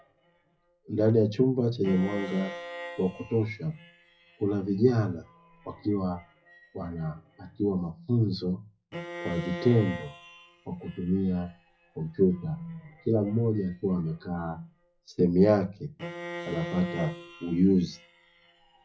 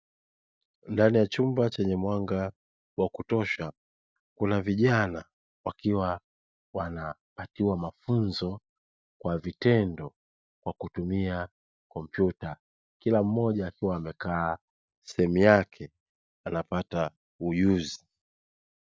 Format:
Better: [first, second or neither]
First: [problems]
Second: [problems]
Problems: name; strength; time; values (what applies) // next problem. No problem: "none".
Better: second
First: noise reduction (classical method WPE with log-MMSE)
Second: none